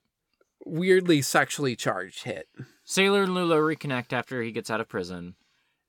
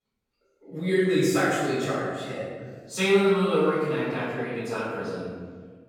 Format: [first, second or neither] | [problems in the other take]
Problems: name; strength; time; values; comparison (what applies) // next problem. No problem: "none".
first | room echo; strong; dies away in 1.6 s // off-mic speech; far